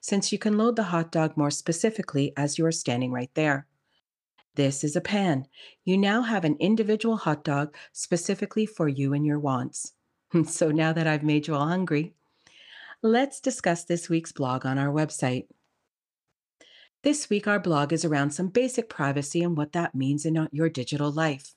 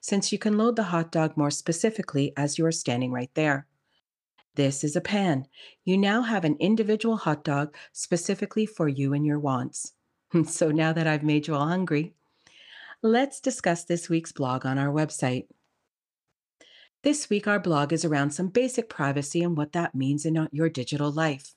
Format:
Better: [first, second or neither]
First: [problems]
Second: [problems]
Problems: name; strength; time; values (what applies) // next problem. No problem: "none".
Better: neither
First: none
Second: none